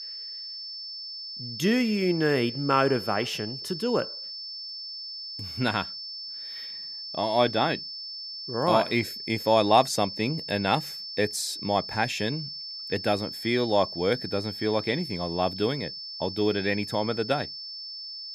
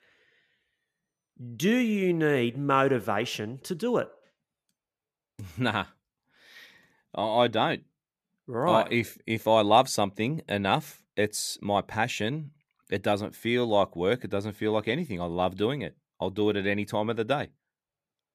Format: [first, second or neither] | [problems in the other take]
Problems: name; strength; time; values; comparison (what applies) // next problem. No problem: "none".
second | high-pitched whine; loud; throughout; 5.5 kHz, 8 dB below the speech